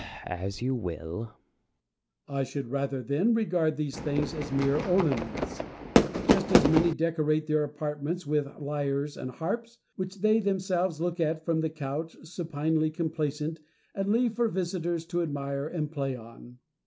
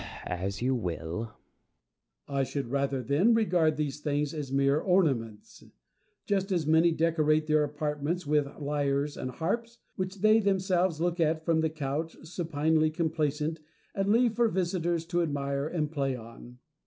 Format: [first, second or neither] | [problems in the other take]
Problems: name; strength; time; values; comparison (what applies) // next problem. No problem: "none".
second | background sound (Fireworks); 2 dB above the speech